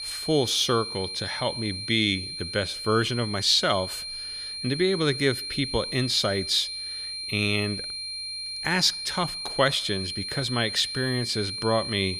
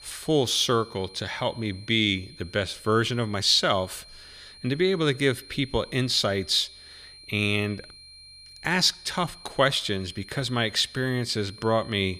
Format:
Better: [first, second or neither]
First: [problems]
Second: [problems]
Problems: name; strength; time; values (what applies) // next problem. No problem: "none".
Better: second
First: high-pitched whine; loud; throughout; 4 kHz, 6 dB below the speech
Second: high-pitched whine; faint; throughout; 4 kHz, 20 dB below the speech